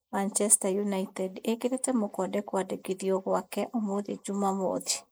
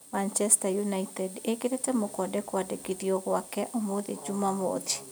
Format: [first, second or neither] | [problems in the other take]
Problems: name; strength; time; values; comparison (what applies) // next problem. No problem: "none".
second | noise reduction (neural mask model Resemble Enhance denoiser)